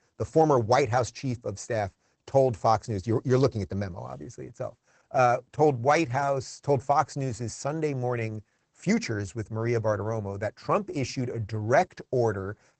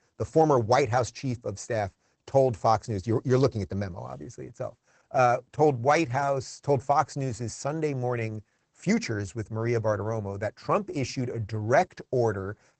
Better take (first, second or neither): neither